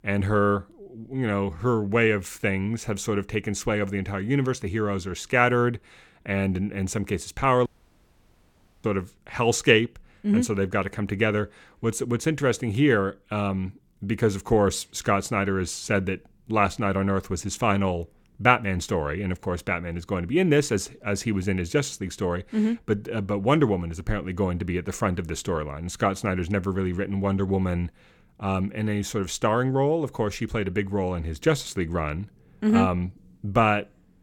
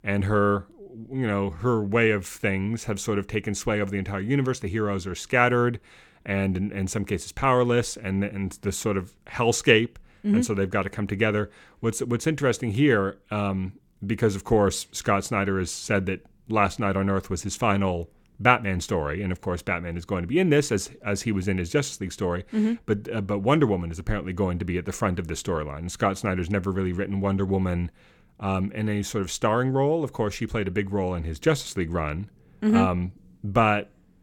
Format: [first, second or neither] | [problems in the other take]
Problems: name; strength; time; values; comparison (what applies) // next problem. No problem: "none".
second | audio cutting out; at 7.5 s for 1 s